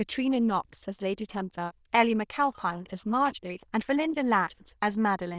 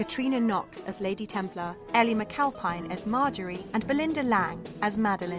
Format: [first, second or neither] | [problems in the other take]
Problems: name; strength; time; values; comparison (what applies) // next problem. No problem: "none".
second | noise reduction (neural diffusion model UNIVERSE++)